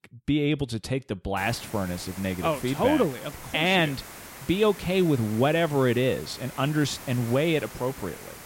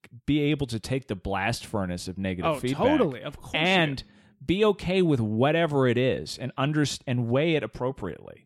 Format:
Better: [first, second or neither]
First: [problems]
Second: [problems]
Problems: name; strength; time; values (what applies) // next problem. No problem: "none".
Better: second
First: hiss; noticeable; from 1.5 s on; 15 dB below the speech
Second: none